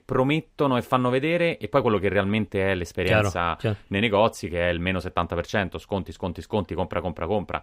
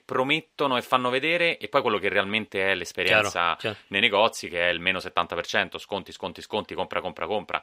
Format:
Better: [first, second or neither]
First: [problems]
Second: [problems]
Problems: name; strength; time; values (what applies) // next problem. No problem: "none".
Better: first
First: none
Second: thin; somewhat; fading below 600 Hz